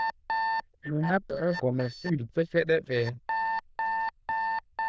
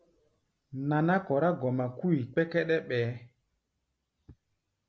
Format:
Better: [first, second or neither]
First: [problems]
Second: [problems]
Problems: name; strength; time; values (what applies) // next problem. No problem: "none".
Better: second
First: noise reduction (neural diffusion model UNIVERSE++)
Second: none